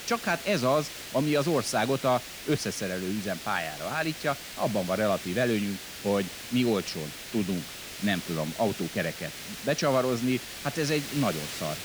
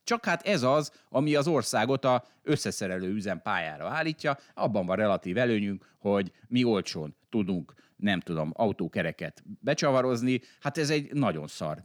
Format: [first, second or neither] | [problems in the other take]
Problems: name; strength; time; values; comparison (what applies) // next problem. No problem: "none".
second | hiss; loud; throughout; 9 dB below the speech